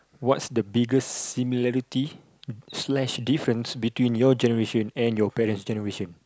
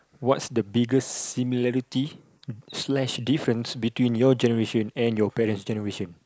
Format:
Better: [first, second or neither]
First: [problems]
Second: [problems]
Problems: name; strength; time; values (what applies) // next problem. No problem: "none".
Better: first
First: none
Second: noise reduction (neural mask model Resemble Enhance denoiser)